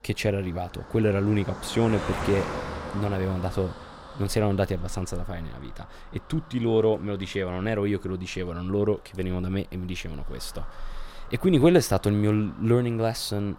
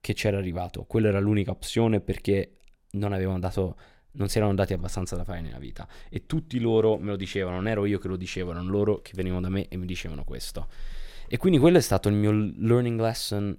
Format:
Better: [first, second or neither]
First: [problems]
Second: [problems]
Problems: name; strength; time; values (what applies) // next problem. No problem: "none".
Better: second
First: traffic noise; noticeable; throughout; 15 dB below the speech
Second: none